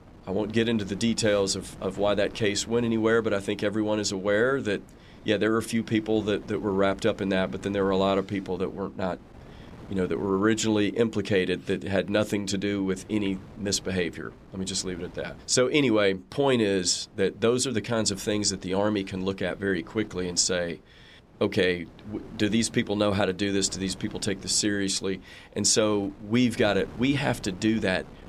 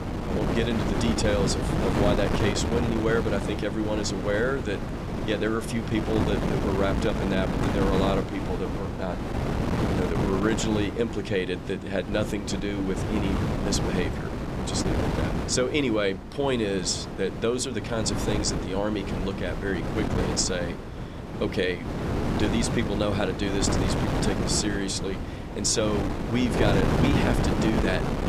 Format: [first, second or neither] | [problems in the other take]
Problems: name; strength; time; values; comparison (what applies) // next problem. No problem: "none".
first | wind noise on the microphone; heavy; 3 dB below the speech; occasional gusts in the first